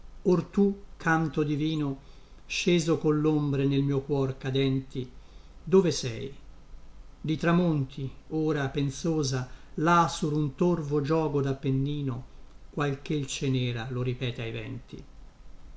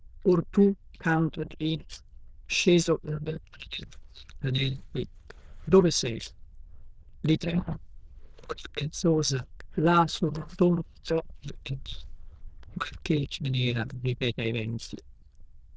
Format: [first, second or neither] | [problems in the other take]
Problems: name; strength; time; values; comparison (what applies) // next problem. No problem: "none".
first | noise reduction (neural diffusion model UNIVERSE++)